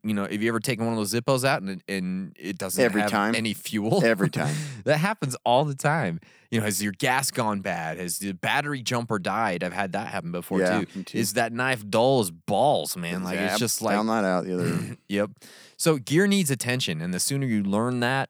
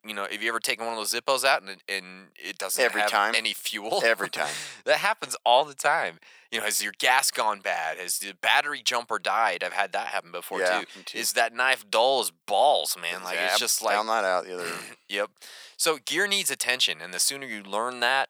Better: first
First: none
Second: thin; very; fading below 750 Hz

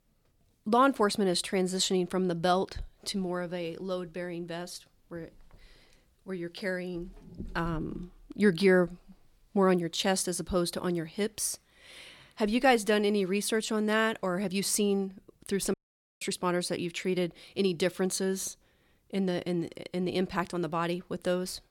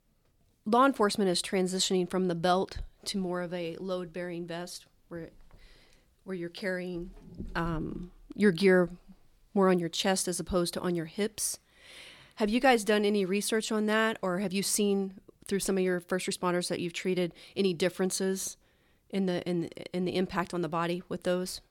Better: second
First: audio cutting out; at 16 s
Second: none

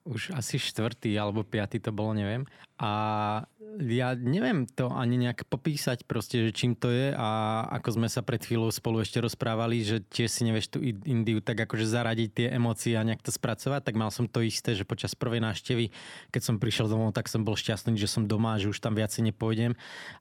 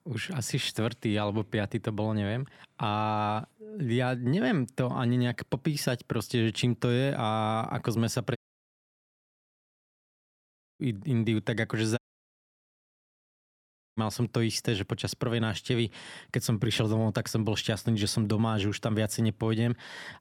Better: first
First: none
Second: audio cutting out; at 8.5 s for 2.5 s and at 12 s for 2 s

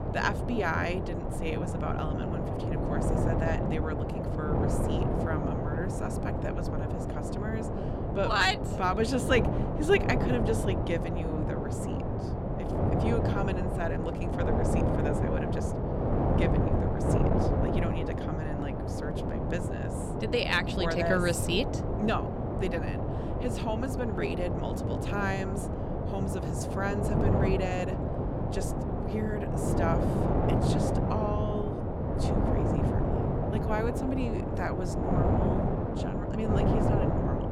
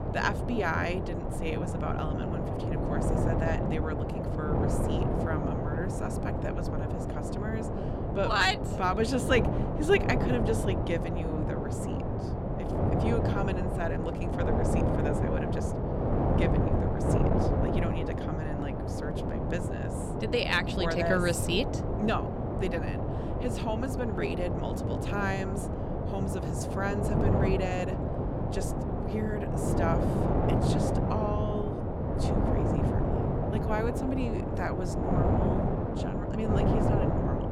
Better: neither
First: wind noise on the microphone; heavy; 1 dB below the speech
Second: wind noise on the microphone; heavy; 1 dB below the speech

